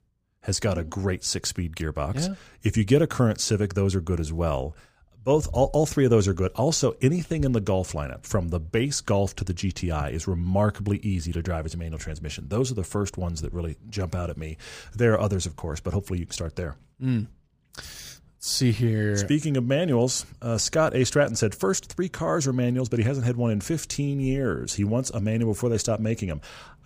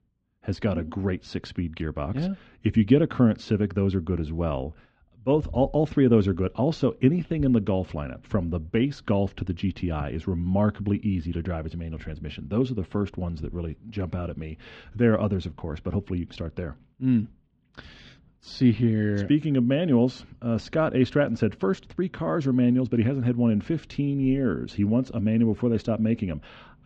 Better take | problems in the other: first | muffled; very; fading above 3.5 kHz

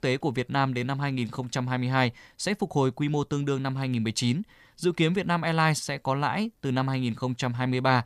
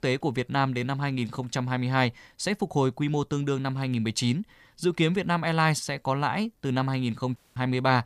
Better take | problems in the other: first | audio cutting out; at 7.5 s

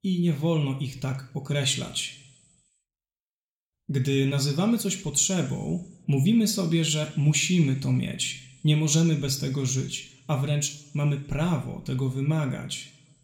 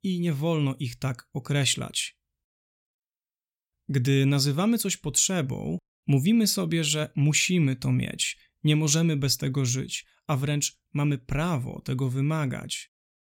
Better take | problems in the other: second | room echo; very slight; dies away in 0.6 s

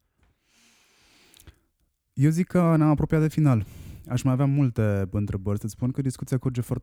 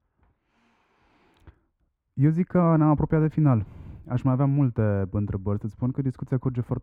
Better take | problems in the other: first | muffled; very; fading above 3.5 kHz

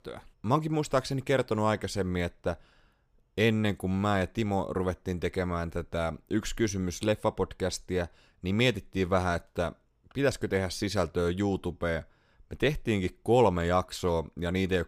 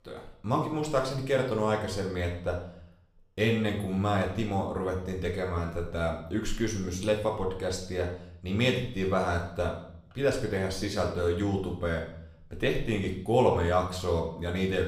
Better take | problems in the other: first | room echo; slight; dies away in 0.6 s // off-mic speech; somewhat distant

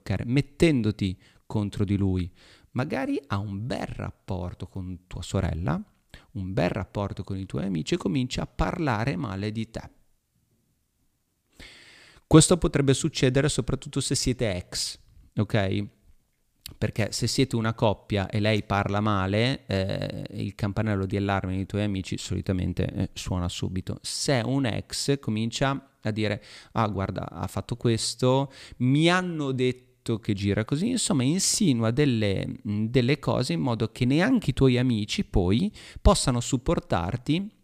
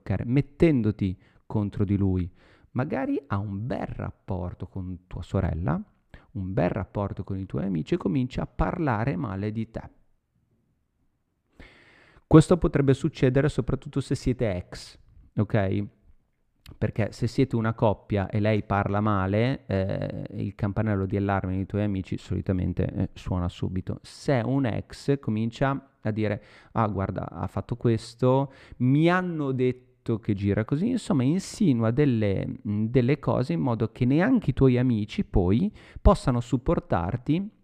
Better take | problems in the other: first | muffled; slightly; fading above 3 kHz

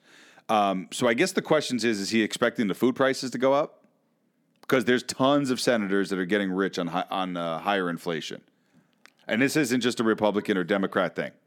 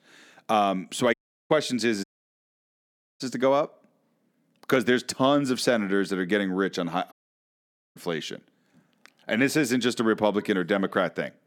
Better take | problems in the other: first | audio cutting out; at 1 s, at 2 s for 1 s and at 7 s for 1 s

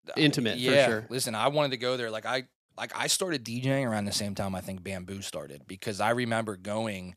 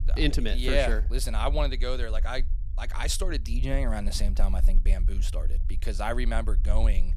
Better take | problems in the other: first | low rumble; noticeable; throughout; 20 dB below the speech

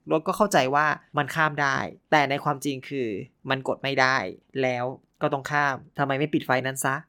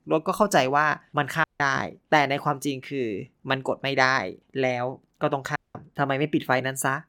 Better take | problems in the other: first | audio cutting out; at 1.5 s and at 5.5 s

